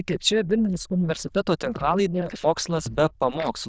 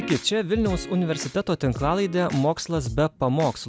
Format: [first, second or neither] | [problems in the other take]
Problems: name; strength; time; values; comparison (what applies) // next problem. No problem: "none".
second | noise reduction (neural diffusion model UNIVERSE++)